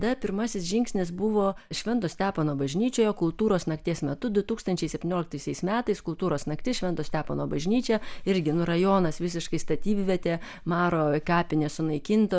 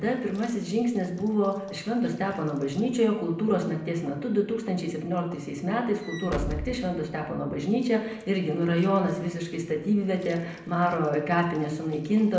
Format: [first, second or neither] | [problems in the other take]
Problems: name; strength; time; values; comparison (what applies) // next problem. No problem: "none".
first | background sound (Walk, footsteps / Slam); 17 dB below the speech // room echo; dies away in 0.7 s